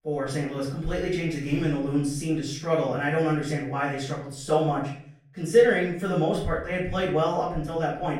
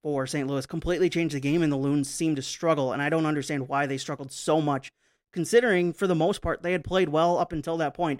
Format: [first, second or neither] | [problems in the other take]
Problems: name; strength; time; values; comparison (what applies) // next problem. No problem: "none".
second | room echo; noticeable; dies away in 0.5 s // off-mic speech; far